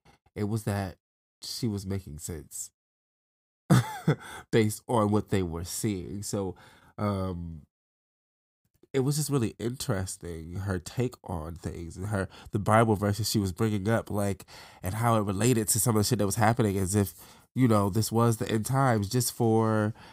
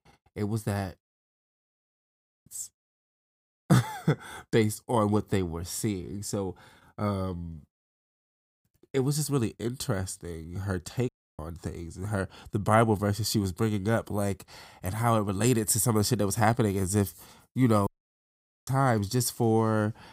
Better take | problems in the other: first | audio cutting out; at 1.5 s for 1 s, at 11 s and at 18 s for 1 s

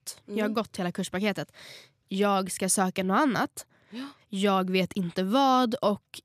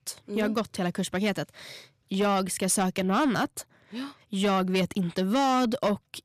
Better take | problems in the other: first | distortion; slight; 10 dB below the speech

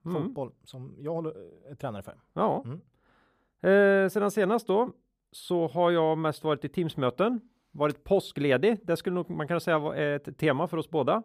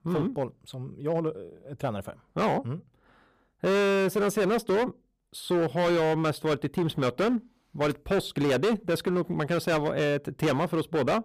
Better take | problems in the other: first | distortion; heavy; 14% of the sound clipped

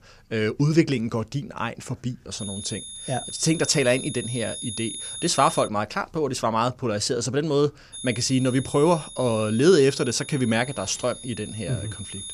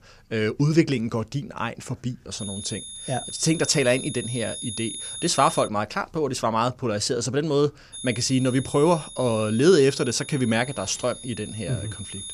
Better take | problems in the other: neither | high-pitched whine; noticeable; from 2.5 to 5.5 s and from 8 s on; 10.5 kHz, 10 dB below the speech; the same in both

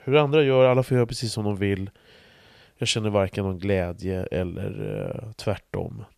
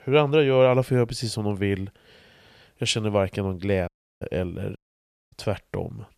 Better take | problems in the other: first | audio cutting out; at 4 s and at 5 s for 0.5 s

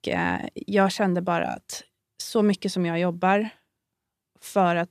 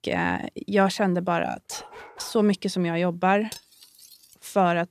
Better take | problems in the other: first | dog barking; faint; at 1.5 s; peak 20 dB below the speech // clattering dishes; faint; at 3.5 s; peak 15 dB below the speech

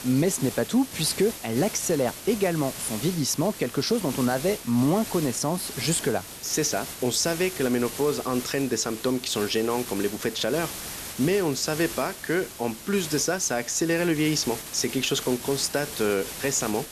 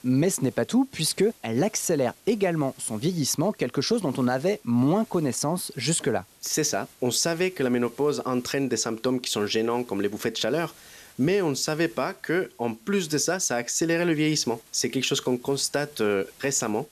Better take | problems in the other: second | hiss; loud; throughout; 10 dB below the speech; faint in the second

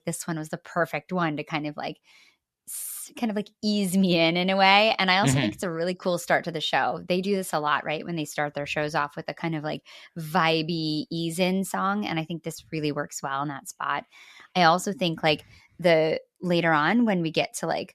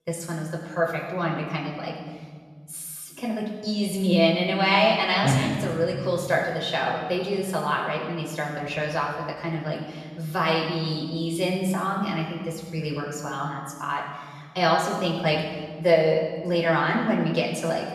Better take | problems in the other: first | off-mic speech; far // room echo; noticeable; dies away in 1.5 s

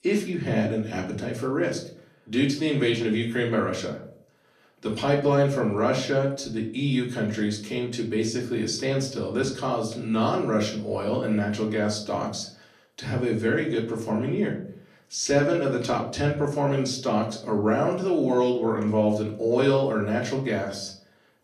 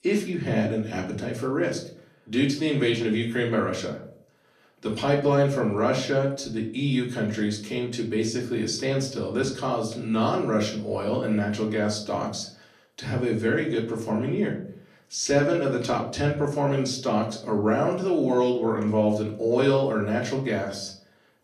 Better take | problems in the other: neither | off-mic speech; far; the same in both // room echo; slight; dies away in 0.5 s; the same in both

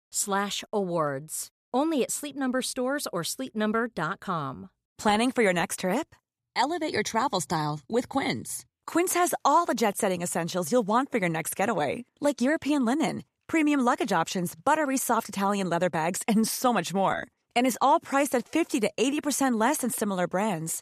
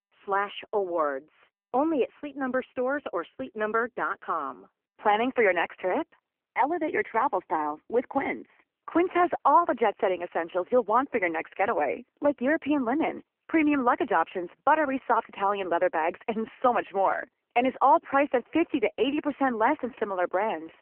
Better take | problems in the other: first | phone-call audio; poor line; nothing above 3 kHz

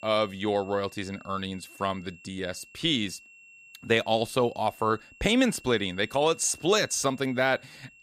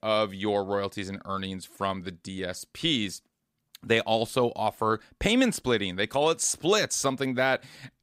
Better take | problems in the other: second | high-pitched whine; faint; throughout; 2.5 kHz, 25 dB below the speech

